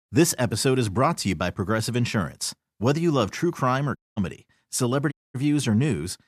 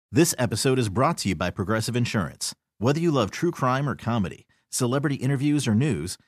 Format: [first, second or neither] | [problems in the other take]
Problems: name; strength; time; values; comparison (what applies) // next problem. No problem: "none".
second | audio cutting out; at 4 s and at 5 s